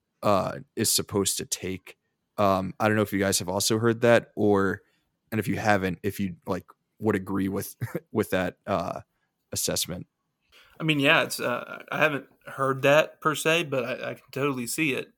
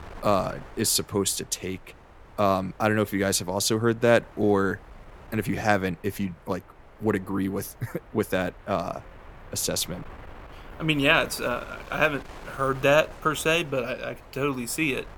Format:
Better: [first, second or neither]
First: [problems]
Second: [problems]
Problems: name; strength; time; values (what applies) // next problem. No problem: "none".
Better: first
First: none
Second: wind noise on the microphone; occasional gusts; 20 dB below the speech